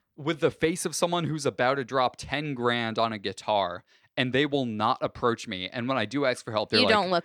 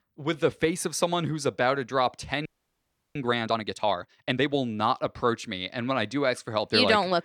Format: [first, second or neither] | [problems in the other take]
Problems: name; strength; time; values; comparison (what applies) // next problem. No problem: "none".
first | audio freezing; at 2.5 s for 0.5 s